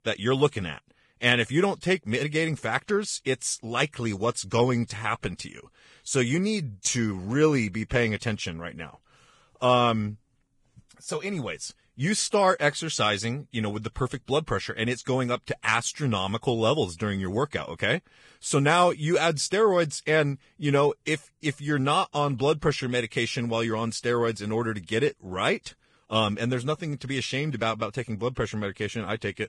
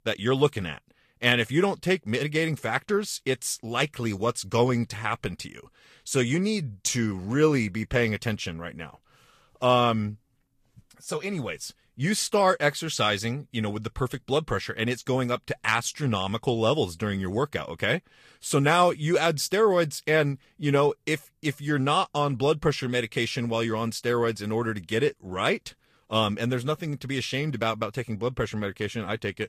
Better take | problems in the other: second | garbled, watery; badly; slightly in the second

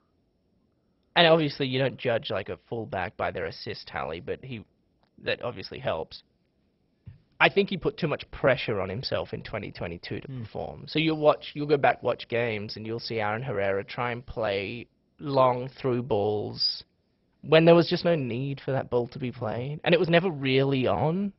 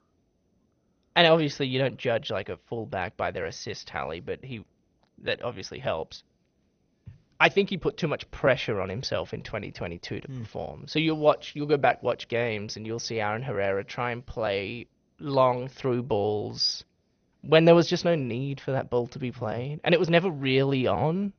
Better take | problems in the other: second | garbled, watery; badly; nothing above 5 kHz; slightly in the second

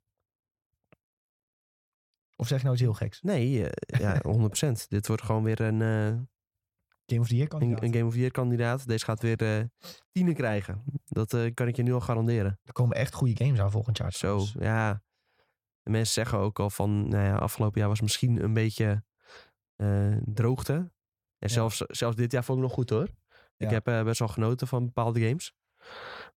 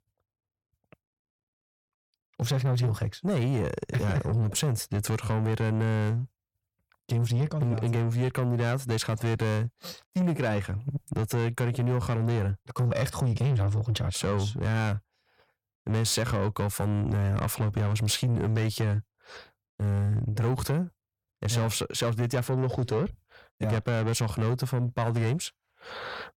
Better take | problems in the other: first | distortion; slight; 9 dB below the speech

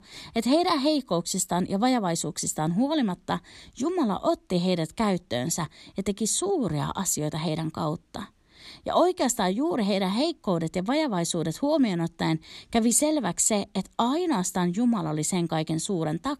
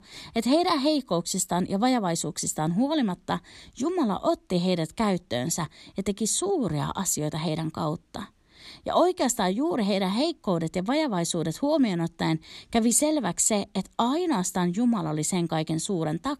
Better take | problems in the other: neither | none

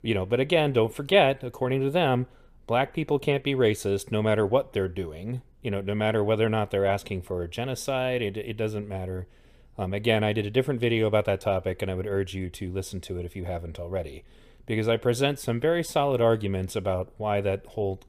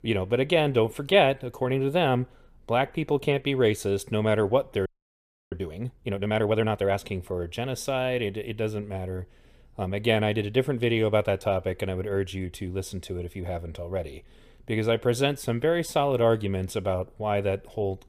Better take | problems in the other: first | audio freezing; at 5 s for 0.5 s

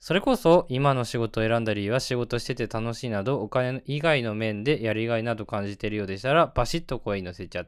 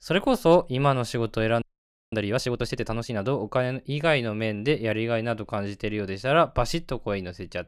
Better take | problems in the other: first | audio freezing; at 1.5 s for 0.5 s

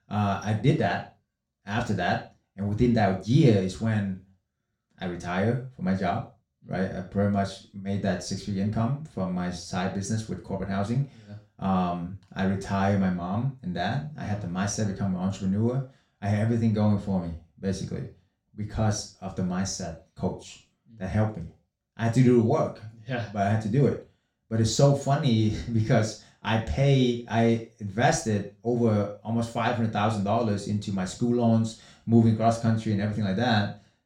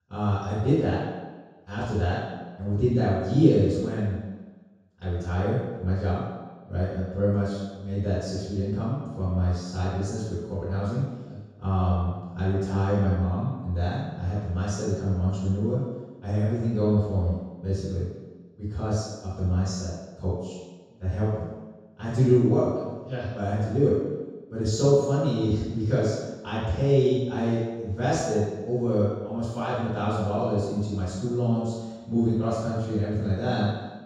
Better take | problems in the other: first | room echo; strong; dies away in 1.2 s; slight in the first // off-mic speech; far; far in the first

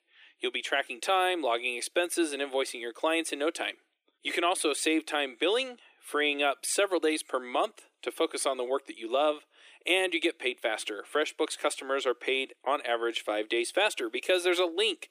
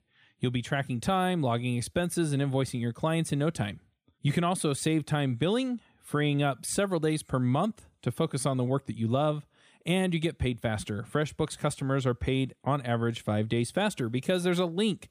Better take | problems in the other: second | thin; very; fading below 300 Hz

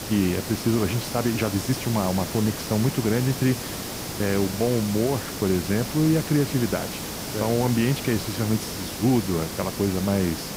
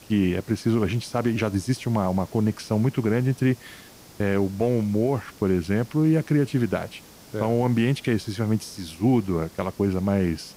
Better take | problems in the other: second | hiss; loud; throughout; 6 dB below the speech; faint in the second

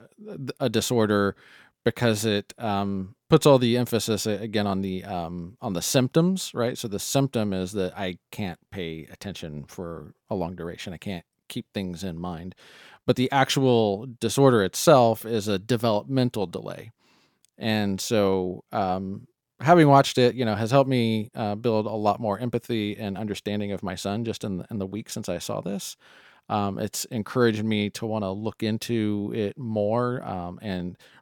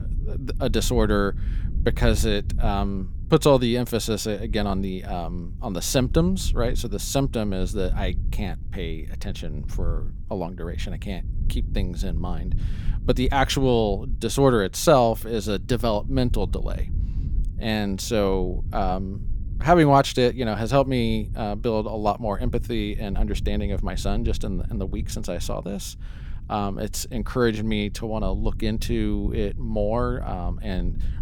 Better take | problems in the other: first | low rumble; faint; throughout; 25 dB below the speech

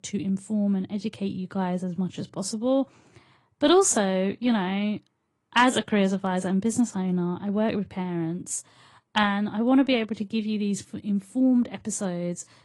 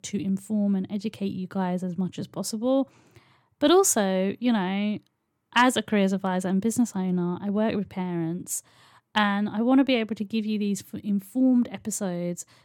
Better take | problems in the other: second | garbled, watery; slightly; nothing above 10 kHz

